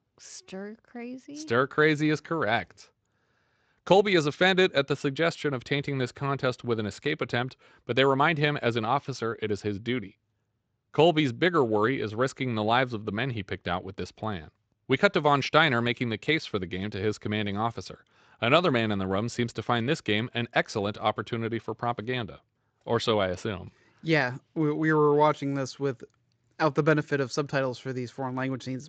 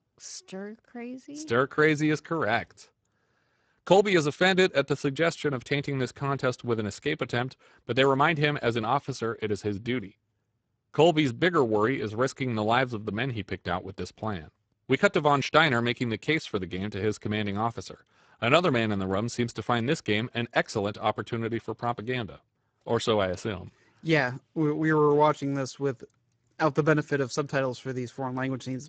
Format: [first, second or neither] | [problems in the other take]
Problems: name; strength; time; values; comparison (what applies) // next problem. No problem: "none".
first | garbled, watery; badly; nothing above 7.5 kHz; slightly in the first